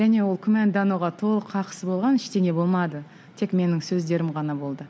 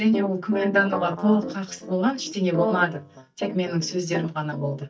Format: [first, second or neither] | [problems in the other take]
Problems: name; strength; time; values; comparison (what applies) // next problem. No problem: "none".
first | noise reduction (neural mask model DeepFilterNet 3)